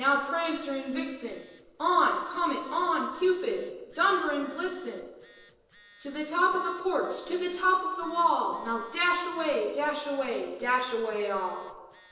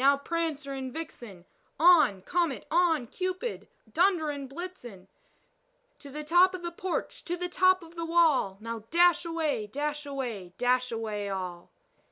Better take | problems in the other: second | noise reduction (neural separator model SepFormer DNS4)

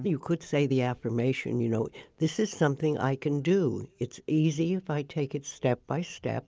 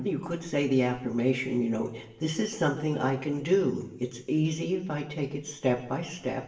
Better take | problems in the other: first | room echo; dies away in 0.8 s

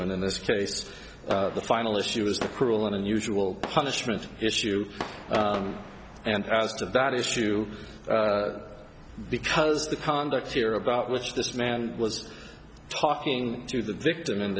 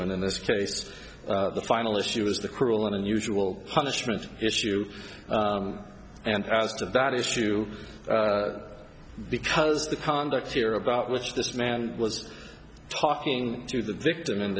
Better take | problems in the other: second | background sound (Fireworks); 17 dB below the speech

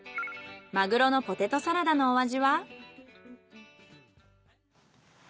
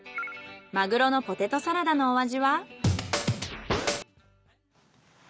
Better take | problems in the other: first | background sound (Scratching (performance technique)); 1 dB above the speech

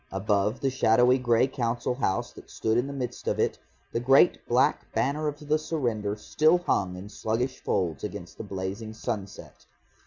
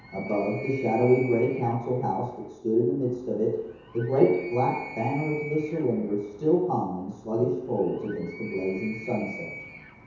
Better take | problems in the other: first | background sound (Animal); 17 dB below the speech // room echo; dies away in 1 s

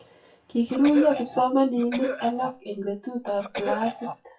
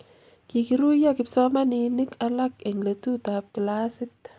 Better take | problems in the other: second | noise reduction (classical method WPE with log-MMSE)

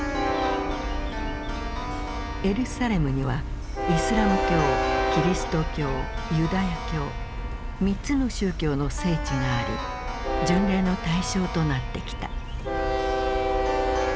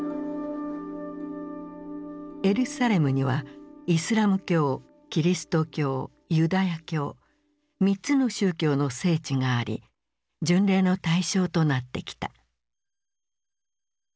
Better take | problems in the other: second | background sound (Train + Keyboard (musical)); 1 dB above the speech

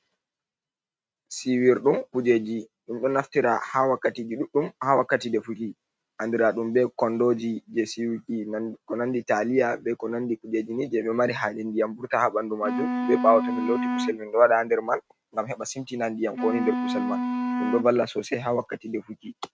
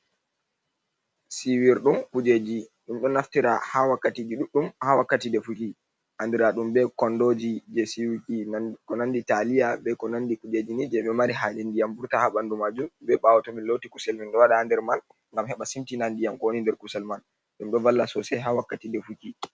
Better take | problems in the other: second | noise reduction (neural mask model RNNoise)

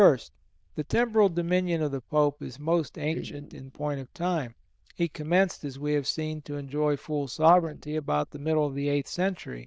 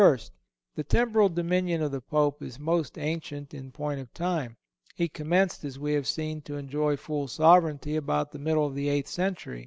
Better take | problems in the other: second | noise reduction (neural diffusion model UNIVERSE++)

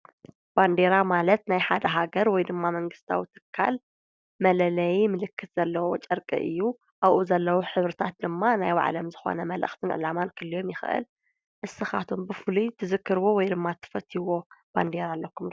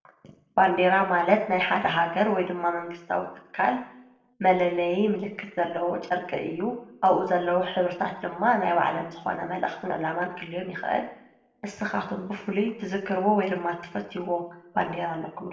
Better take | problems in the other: first | room echo; dies away in 0.7 s

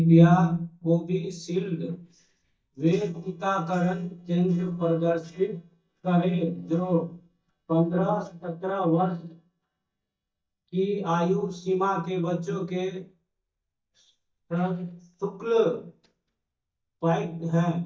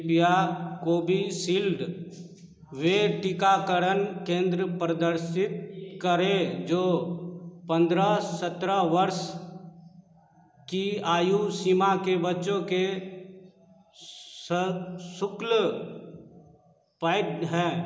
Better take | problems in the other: second | noise reduction (neural mask model DeepFilterNet 3)

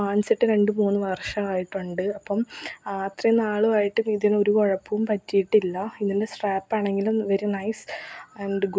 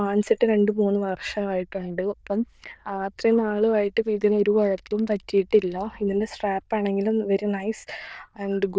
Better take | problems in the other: first | noise reduction (neural diffusion model UNIVERSE++)

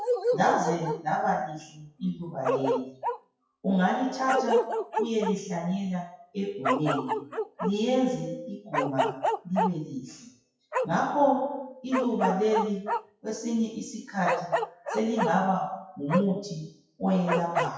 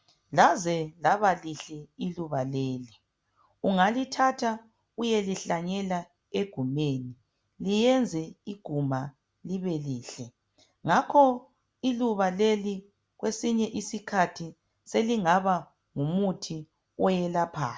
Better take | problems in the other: second | noise reduction (classical method WPE with log-MMSE)

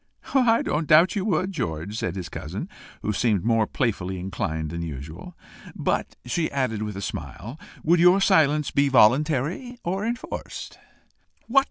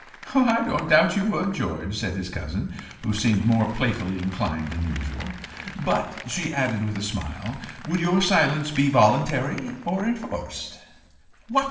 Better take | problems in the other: first | background sound (Applause); 18 dB below the speech // room echo; dies away in 0.9 s

